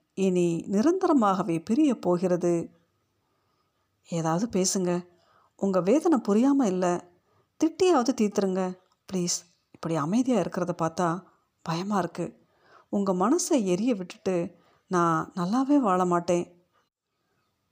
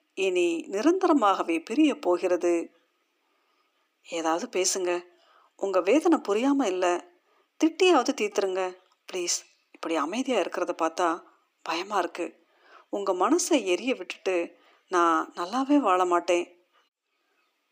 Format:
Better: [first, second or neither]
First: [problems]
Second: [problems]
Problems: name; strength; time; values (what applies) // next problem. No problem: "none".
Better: first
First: none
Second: thin; very slightly; fading below 300 Hz